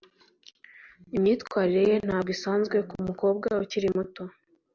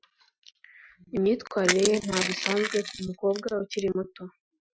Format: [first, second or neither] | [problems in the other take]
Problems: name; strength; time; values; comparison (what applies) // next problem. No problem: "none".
first | noise reduction (classical method Wiener filter)